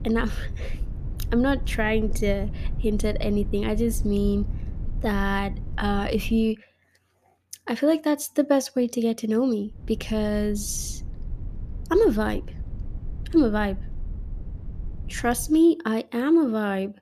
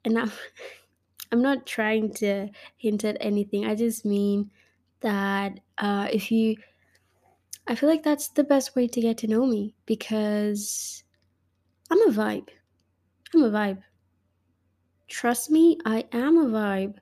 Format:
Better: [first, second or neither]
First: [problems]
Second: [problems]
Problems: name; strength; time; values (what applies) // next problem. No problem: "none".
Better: second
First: low rumble; faint; until 6.5 s and from 10 to 16 s; 20 dB below the speech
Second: none